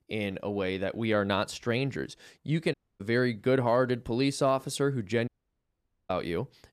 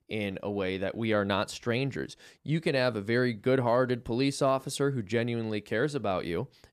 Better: second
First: audio cutting out; at 2.5 s and at 5.5 s for 1 s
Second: none

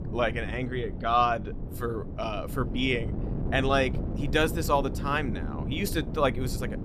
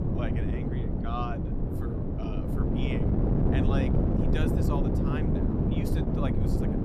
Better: first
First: wind noise on the microphone; occasional gusts; 15 dB below the speech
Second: wind noise on the microphone; heavy; 4 dB above the speech

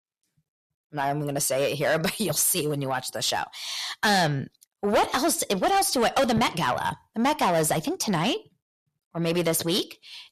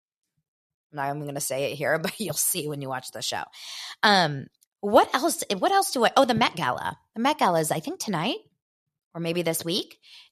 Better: second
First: distortion; heavy; 6 dB below the speech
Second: none

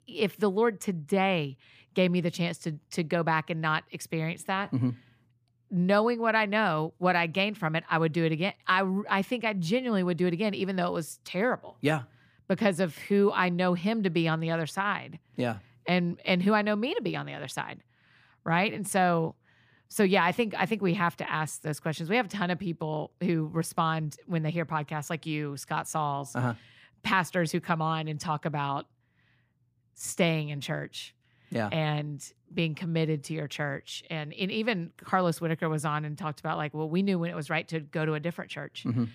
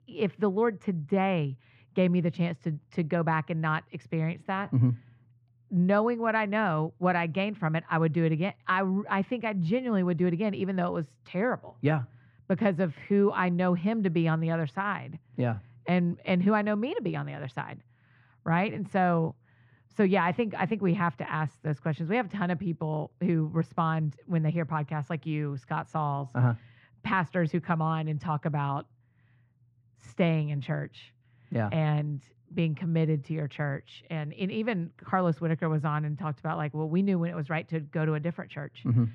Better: first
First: none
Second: muffled; very; fading above 2 kHz

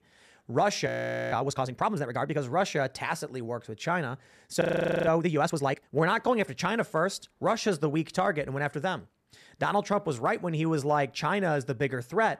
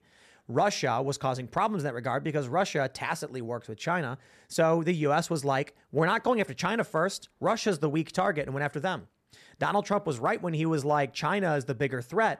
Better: second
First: audio freezing; at 1 s and at 4.5 s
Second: none

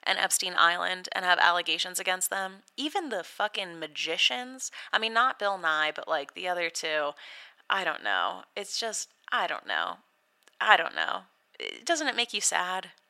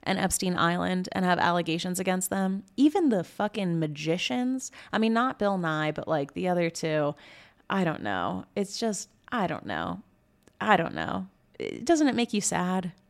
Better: second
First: thin; very; fading below 750 Hz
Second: none

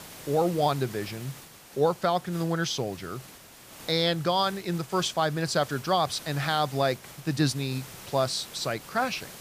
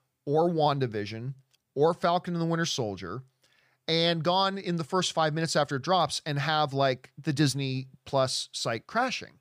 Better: second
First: hiss; noticeable; throughout; 15 dB below the speech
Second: none

